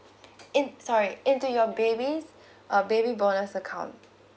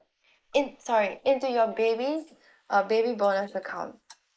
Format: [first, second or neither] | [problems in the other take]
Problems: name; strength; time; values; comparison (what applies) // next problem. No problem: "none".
first | noise reduction (neural mask model Resemble Enhance denoiser)